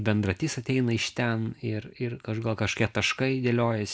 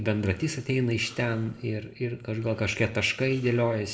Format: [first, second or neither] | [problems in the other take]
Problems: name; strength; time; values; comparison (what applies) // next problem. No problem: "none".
first | noise reduction (neural separator model SepFormer DNS4)